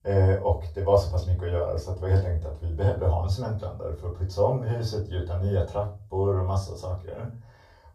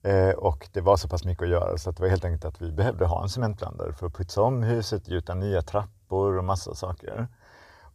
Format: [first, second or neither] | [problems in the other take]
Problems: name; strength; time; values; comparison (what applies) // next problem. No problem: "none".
second | off-mic speech; far // room echo; slight; dies away in 0.3 s